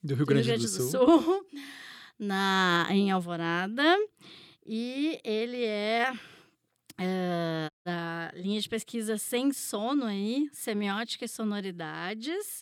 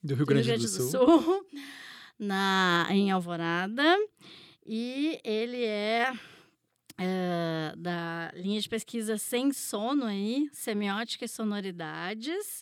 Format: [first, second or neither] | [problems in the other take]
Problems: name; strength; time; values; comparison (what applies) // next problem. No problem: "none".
second | audio cutting out; at 7.5 s